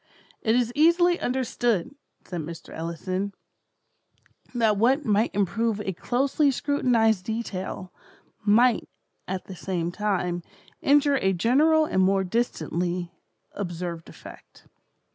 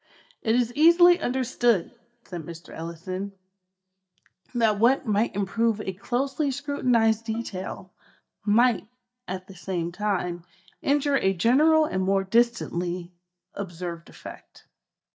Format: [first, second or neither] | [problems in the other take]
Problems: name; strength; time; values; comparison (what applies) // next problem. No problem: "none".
first | noise reduction (neural mask model DeepFilterNet 3)